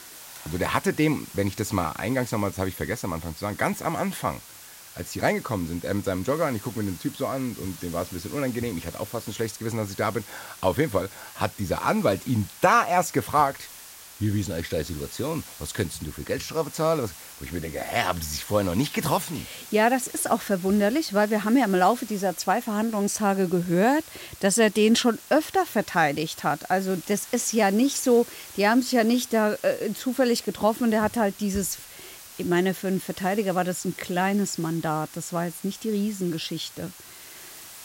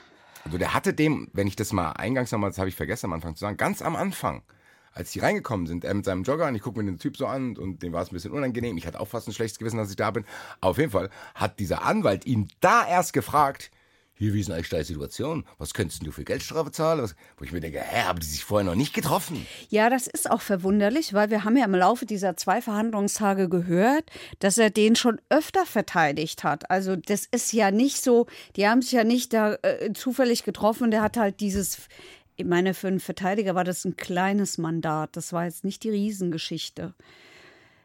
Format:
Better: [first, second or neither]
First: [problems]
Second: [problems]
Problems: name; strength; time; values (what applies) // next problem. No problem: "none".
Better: second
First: hiss; noticeable; throughout; 15 dB below the speech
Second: none